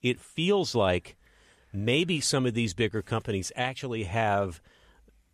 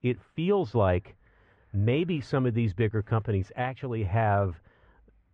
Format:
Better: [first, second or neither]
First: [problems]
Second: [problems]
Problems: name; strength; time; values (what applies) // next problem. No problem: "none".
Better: first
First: none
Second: muffled; very; fading above 1.5 kHz